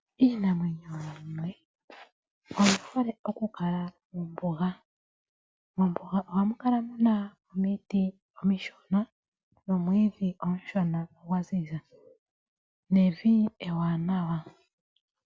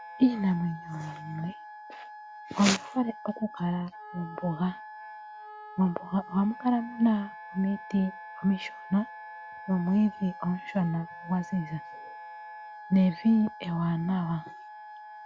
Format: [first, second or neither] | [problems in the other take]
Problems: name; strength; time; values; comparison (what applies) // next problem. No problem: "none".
first | background sound (Wind instrument, woodwind instrument); 15 dB below the speech